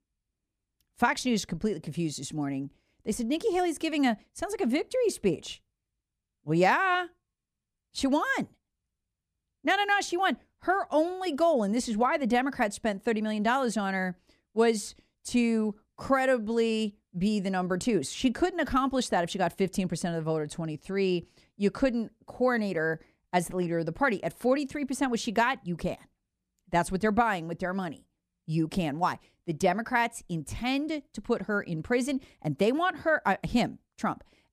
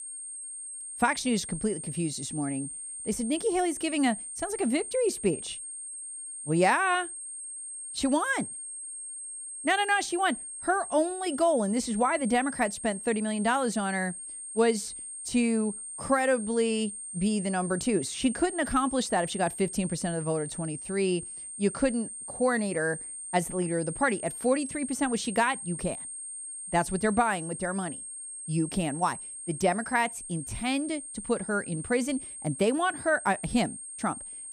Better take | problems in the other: first | high-pitched whine; loud; throughout; 8.5 kHz, 8 dB below the speech

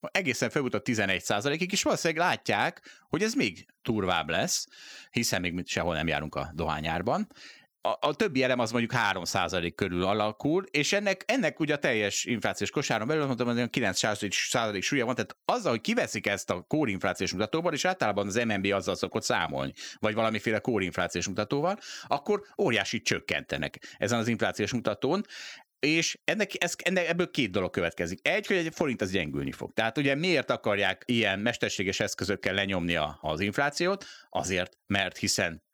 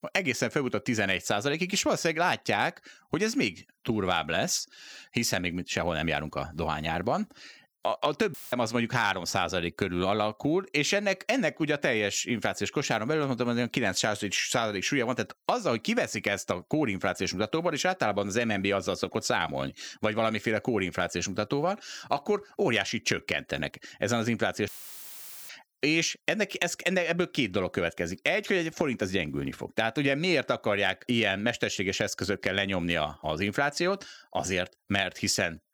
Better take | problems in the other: first | audio cutting out; filled with static; at 8.5 s and at 25 s for 1 s

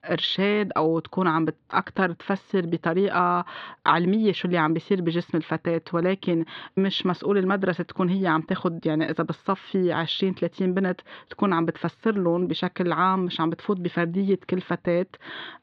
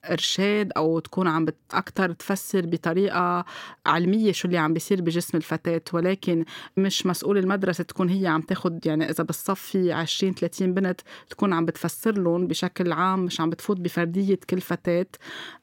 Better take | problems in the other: second | muffled; slightly; fading above 4 kHz

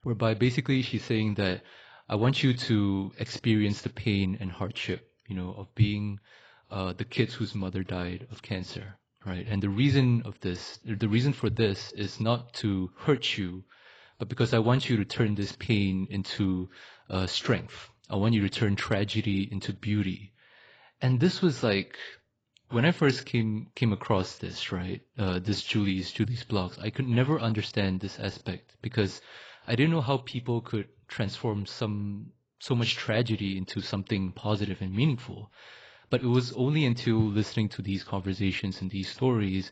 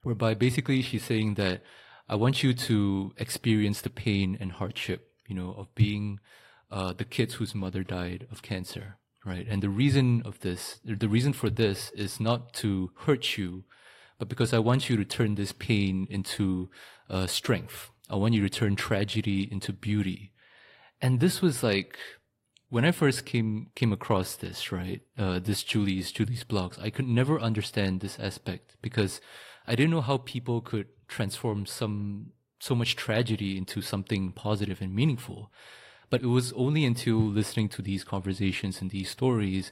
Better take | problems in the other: second | garbled, watery; badly; nothing above 7.5 kHz; slightly in the second

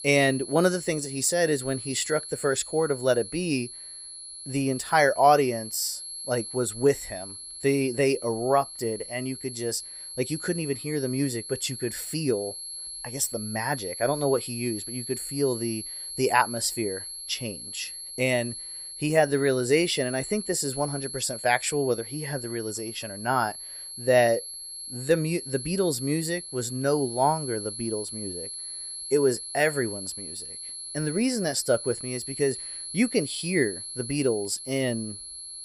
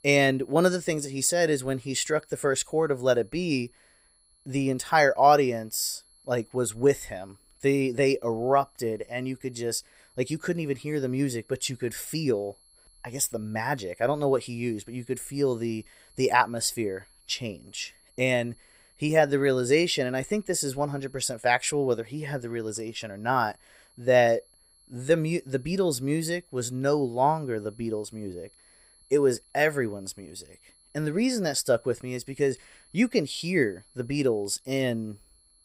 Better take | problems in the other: second | high-pitched whine; loud; throughout; 11 kHz, 9 dB below the speech; faint in the second

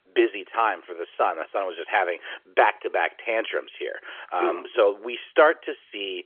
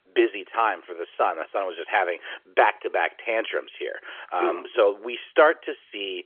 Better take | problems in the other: neither | phone-call audio; nothing above 3.5 kHz; the same in both

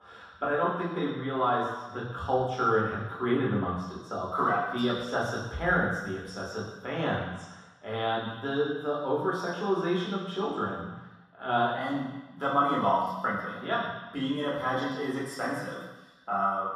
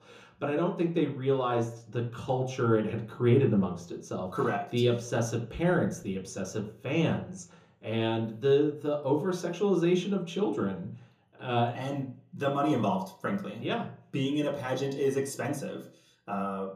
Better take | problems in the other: second | room echo; strong; dies away in 1.2 s; slight in the second // off-mic speech; far; somewhat distant in the second

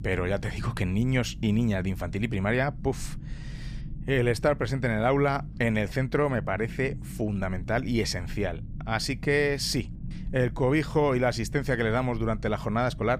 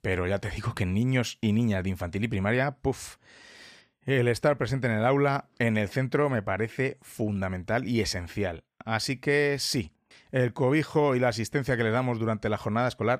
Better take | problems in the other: second | low rumble; faint; throughout; 20 dB below the speech

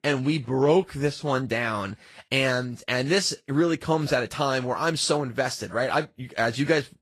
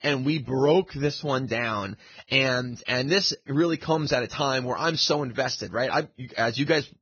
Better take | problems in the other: first | garbled, watery; badly; nothing above 6.5 kHz; slightly in the first

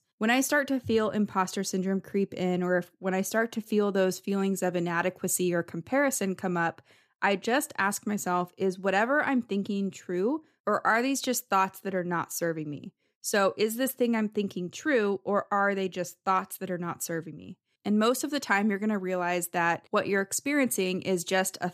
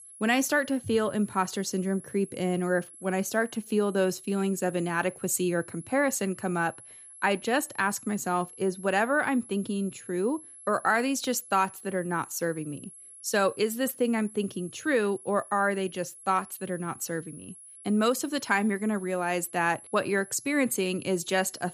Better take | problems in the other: first | high-pitched whine; noticeable; throughout; 11 kHz, 15 dB below the speech

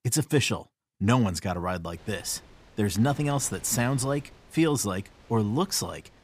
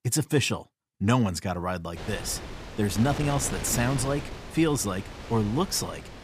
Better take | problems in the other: first | wind noise on the microphone; heavy; from 2 s on; 9 dB below the speech; occasional gusts in the first

